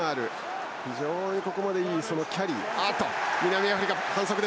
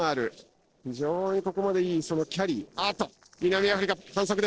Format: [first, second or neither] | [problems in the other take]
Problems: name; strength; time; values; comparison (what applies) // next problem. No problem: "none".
first | noise reduction (neural separator model SepFormer DNS4)